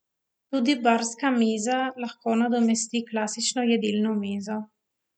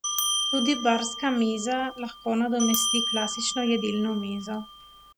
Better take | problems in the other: first | background sound (Bell); 4 dB below the speech

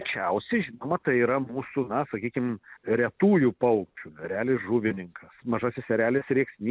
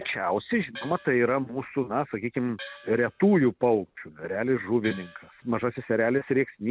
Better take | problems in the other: first | background sound (Gong); 19 dB below the speech

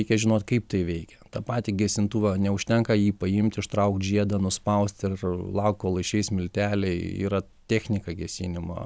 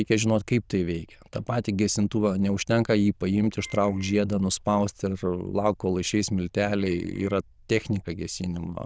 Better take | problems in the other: first | noise reduction (neural diffusion model UNIVERSE++)

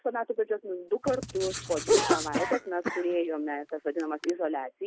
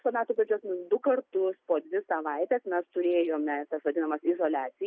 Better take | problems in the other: second | background sound (Cough + Writing); 1 dB below the speech

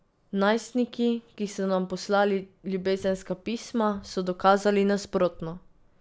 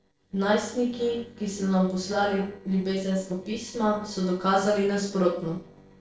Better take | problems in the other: first | noise reduction (neural separator model SepFormer DNS4)

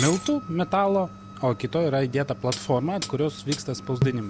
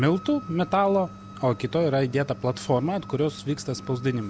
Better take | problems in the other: second | background sound (Shatter + Hi-hat); 9 dB below the speech

